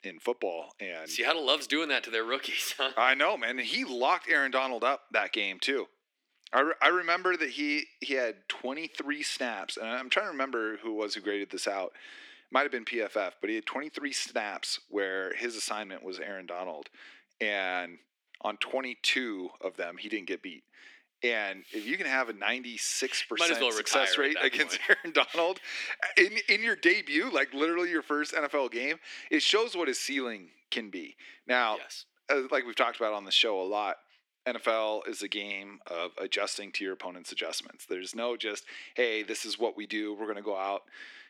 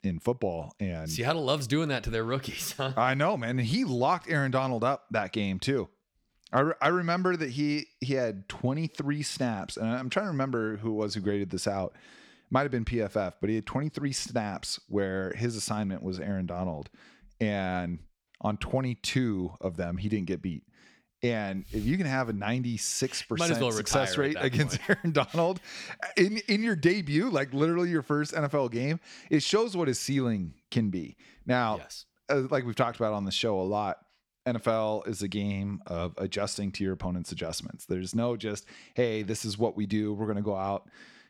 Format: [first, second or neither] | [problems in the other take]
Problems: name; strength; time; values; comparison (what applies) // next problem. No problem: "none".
second | thin; somewhat; fading below 300 Hz